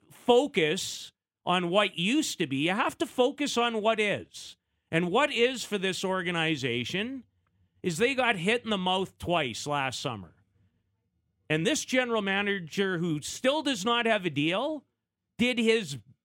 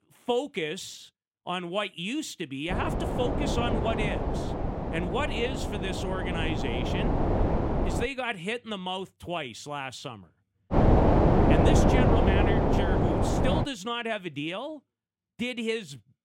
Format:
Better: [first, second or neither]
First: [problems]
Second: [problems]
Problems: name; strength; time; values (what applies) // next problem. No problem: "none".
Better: first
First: none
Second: wind noise on the microphone; heavy; from 2.5 to 8 s and from 11 to 14 s; 3 dB above the speech